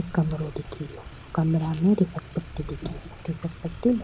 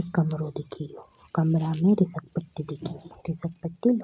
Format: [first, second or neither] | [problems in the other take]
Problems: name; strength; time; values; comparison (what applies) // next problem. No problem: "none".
second | background sound (Motor vehicle (road)); 14 dB below the speech